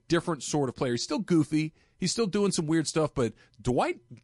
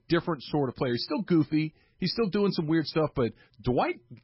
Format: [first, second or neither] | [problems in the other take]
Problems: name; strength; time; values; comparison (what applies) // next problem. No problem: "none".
first | garbled, watery; badly; nothing above 5.5 kHz; slightly in the first